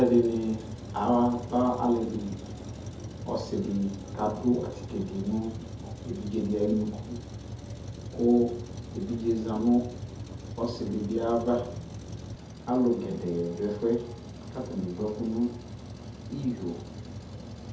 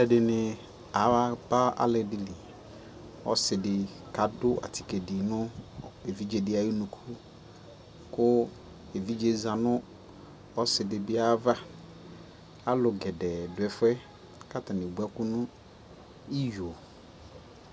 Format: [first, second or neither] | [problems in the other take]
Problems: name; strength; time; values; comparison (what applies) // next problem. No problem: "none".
second | background sound (Truck); 11 dB below the speech // room echo; dies away in 0.5 s